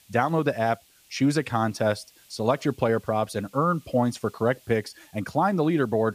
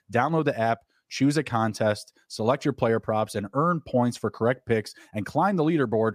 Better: second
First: hiss; faint; throughout; 30 dB below the speech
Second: none

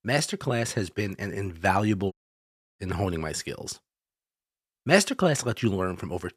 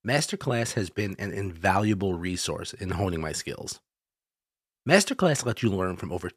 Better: second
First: audio cutting out; at 2 s for 0.5 s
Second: none

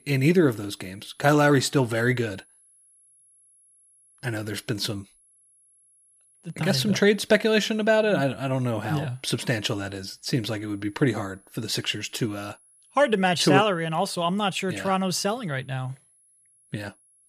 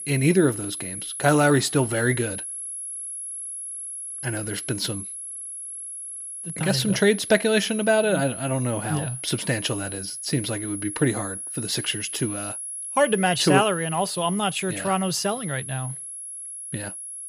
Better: first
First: high-pitched whine; faint; throughout; 11 kHz, 30 dB below the speech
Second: high-pitched whine; loud; throughout; 11 kHz, 8 dB below the speech

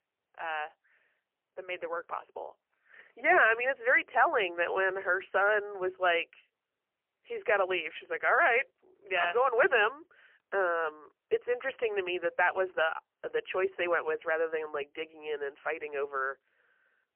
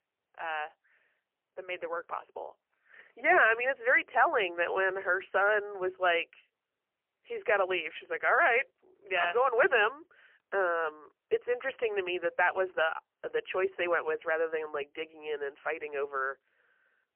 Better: neither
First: phone-call audio; poor line; nothing above 3 kHz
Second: phone-call audio; poor line; nothing above 3 kHz

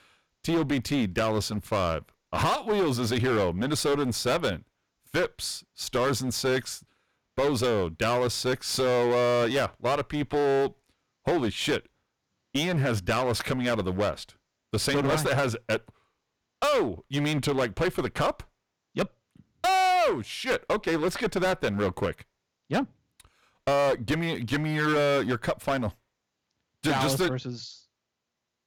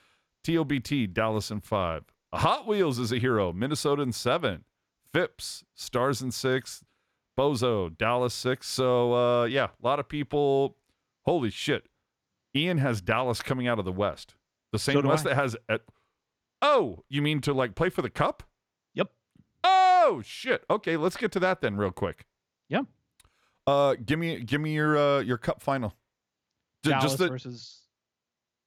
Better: second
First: distortion; heavy; 15% of the sound clipped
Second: none

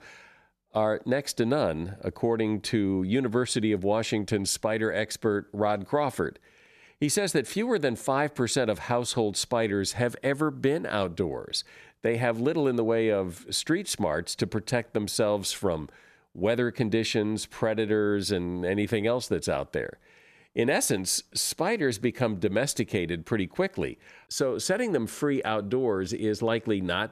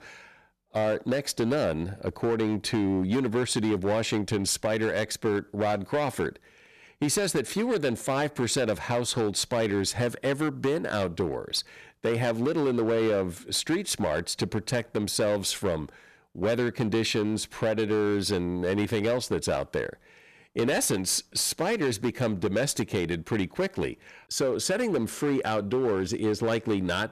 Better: first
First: none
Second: distortion; slight; 10% of the sound clipped

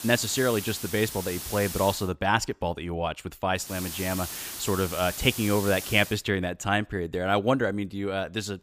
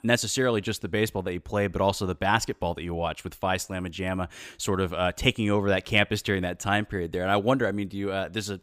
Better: second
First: hiss; loud; until 2 s and from 3.5 to 6 s; 8 dB below the speech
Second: none

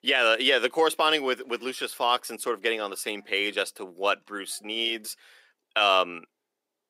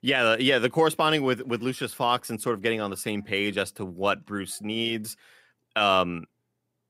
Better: second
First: thin; somewhat; fading below 350 Hz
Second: none

